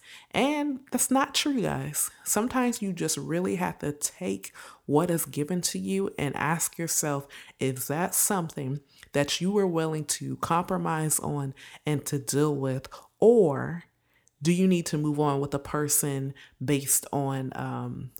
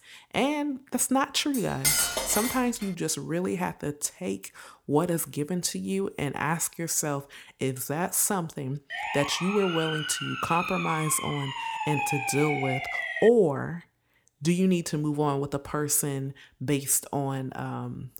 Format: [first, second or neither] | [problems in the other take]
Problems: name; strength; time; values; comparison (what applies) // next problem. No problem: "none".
first | clattering dishes; loud; from 1.5 to 2.5 s; peak 5 dB above the speech // siren; noticeable; from 9 to 13 s; peak 1 dB below the speech